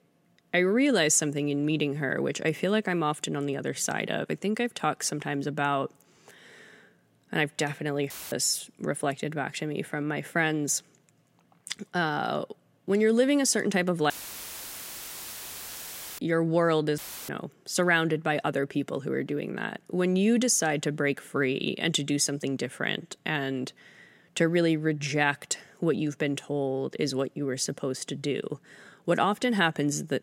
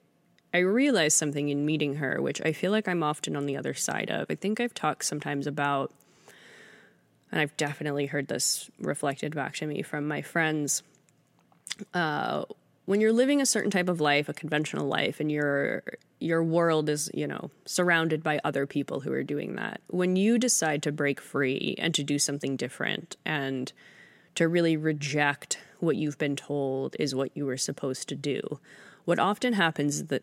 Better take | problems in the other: second | audio cutting out; filled with static; at 8 s, at 14 s for 2 s and at 17 s

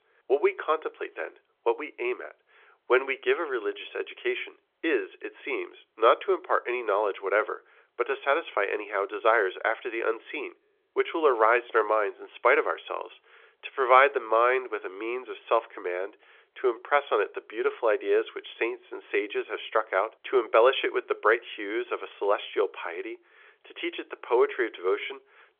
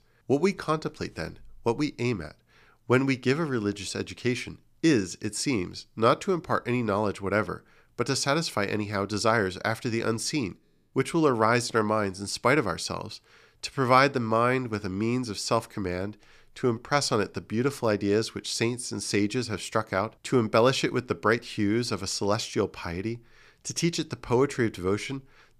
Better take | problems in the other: second | phone-call audio; nothing above 3.5 kHz

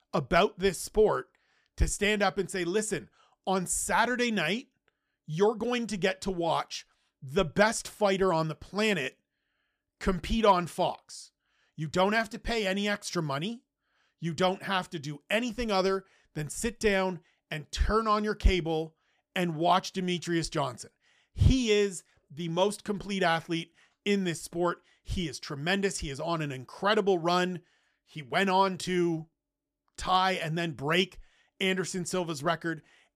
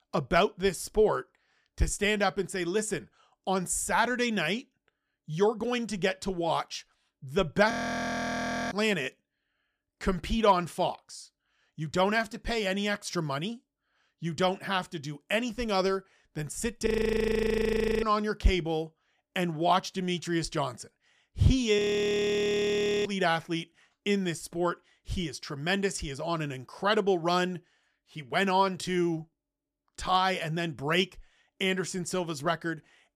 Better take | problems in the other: first | audio freezing; at 7.5 s for 1 s, at 17 s for 1 s and at 22 s for 1.5 s

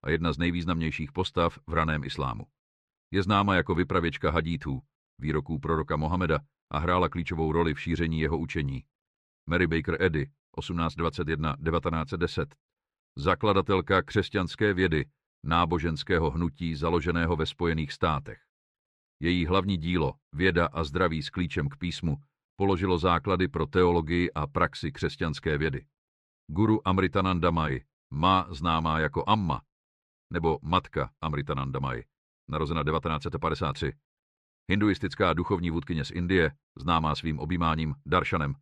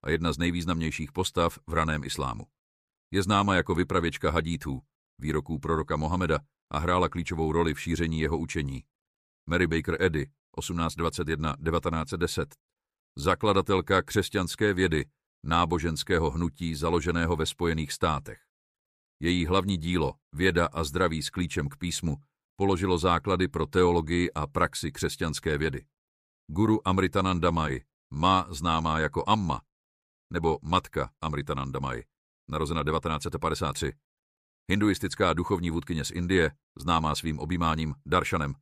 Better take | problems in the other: second | muffled; very slightly; fading above 3 kHz

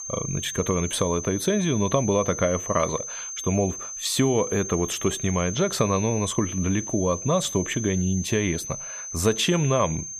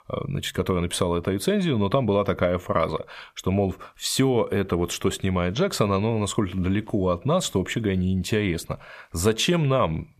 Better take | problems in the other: second | high-pitched whine; loud; throughout; 6.5 kHz, 7 dB below the speech

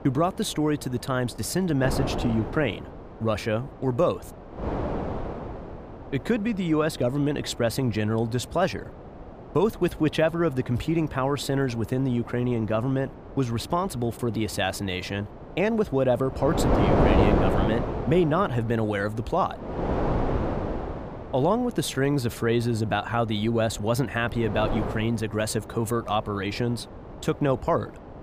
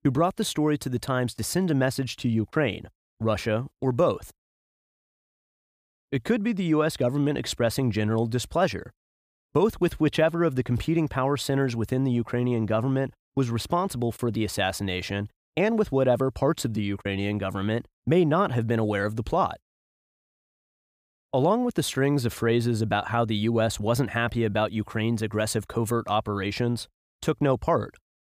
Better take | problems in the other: second | wind noise on the microphone; heavy; 4 dB below the speech

